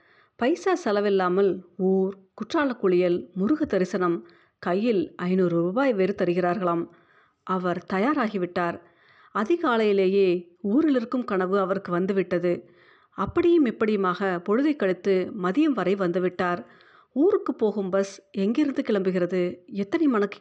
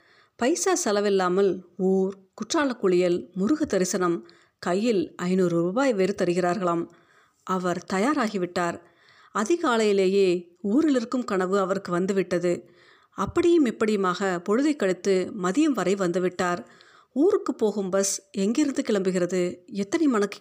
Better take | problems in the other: second | muffled; slightly; fading above 3.5 kHz

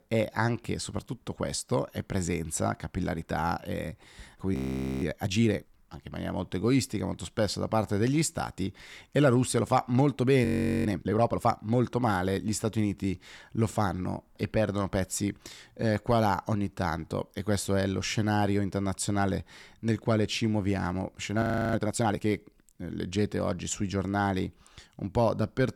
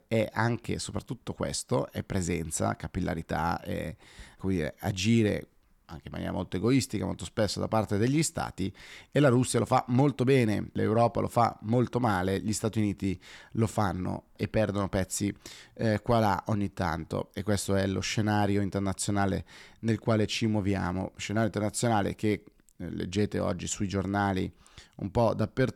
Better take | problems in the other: second | audio freezing; at 4.5 s, at 10 s and at 21 s

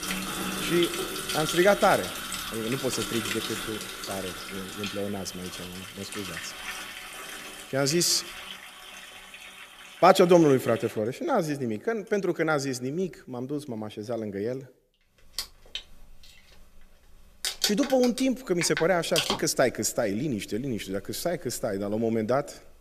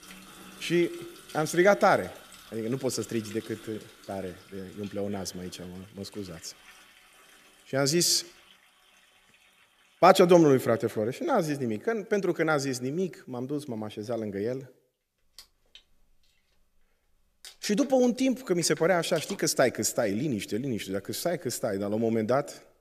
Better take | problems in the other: second | household noises; loud; throughout; 7 dB below the speech; faint in the second

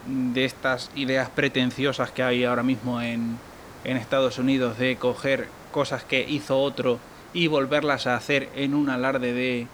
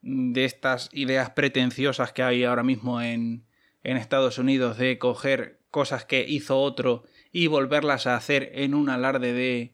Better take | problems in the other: second | hiss; noticeable; throughout; 20 dB below the speech

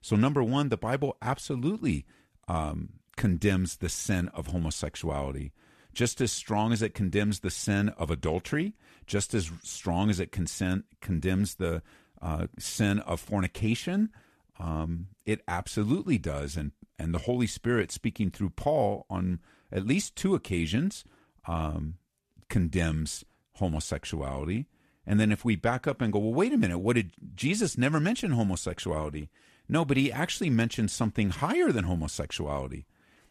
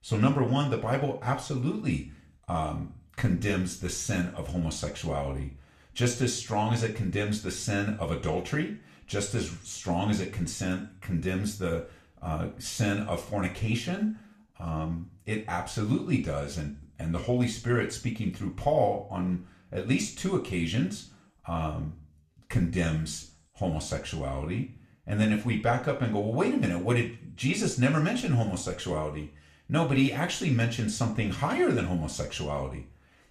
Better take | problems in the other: first | room echo; slight; dies away in 0.4 s // off-mic speech; somewhat distant

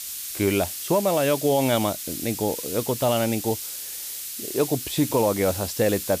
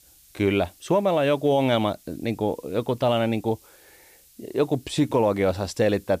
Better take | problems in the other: second | hiss; loud; throughout; 6 dB below the speech; faint in the second

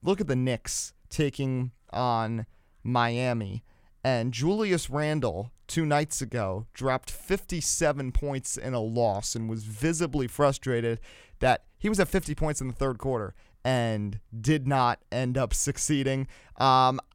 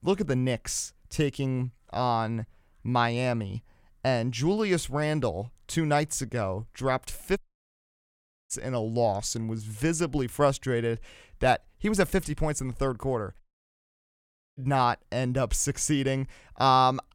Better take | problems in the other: first | audio cutting out; at 7.5 s for 1 s and at 13 s for 1 s

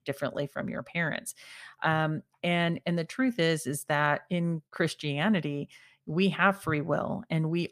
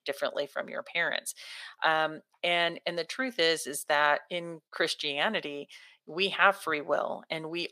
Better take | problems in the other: first | thin; very; fading below 500 Hz

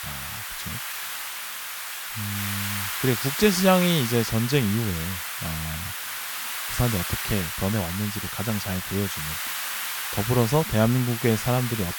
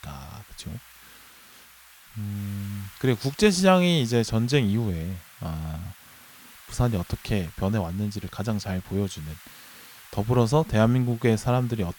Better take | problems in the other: second | hiss; loud; throughout; 4 dB below the speech; faint in the second

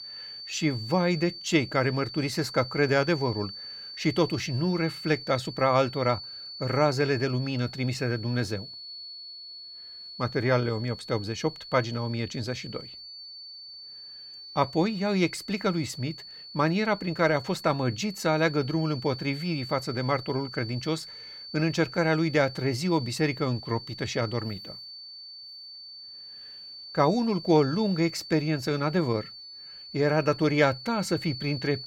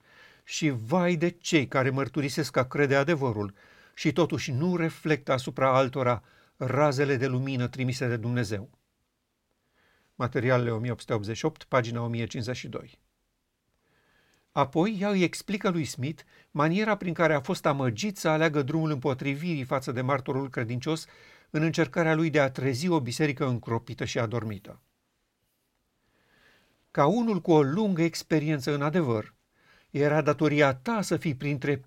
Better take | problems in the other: second | high-pitched whine; noticeable; throughout; 4.5 kHz, 10 dB below the speech

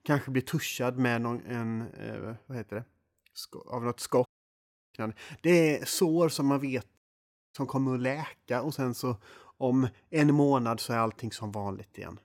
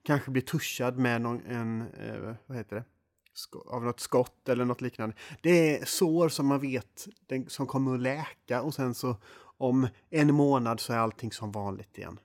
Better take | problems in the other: second | audio cutting out; at 4.5 s for 0.5 s and at 7 s for 0.5 s

